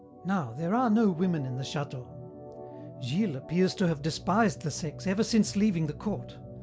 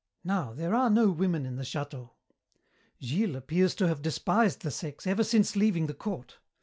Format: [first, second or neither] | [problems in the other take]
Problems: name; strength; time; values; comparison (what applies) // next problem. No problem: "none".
second | background sound (Organ); 15 dB below the speech